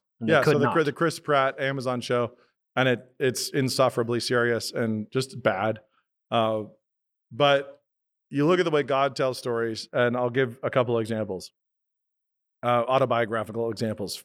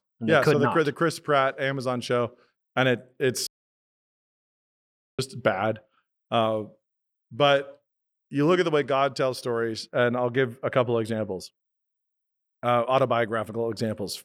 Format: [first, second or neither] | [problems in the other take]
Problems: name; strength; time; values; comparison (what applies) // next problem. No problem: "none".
first | audio cutting out; at 3.5 s for 1.5 s